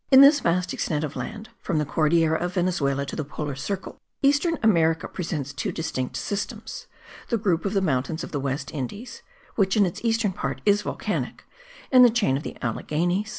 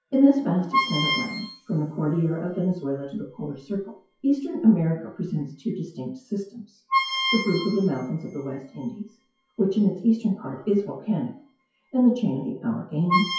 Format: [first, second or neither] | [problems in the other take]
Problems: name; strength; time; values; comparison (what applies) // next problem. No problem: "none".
first | noise reduction (classical method WPE with log-MMSE)